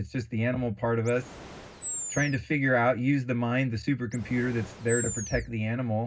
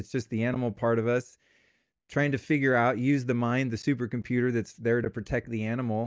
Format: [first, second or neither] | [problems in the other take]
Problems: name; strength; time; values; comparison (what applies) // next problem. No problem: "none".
second | background sound (Animal); 10 dB below the speech // room echo; dies away in 0.4 s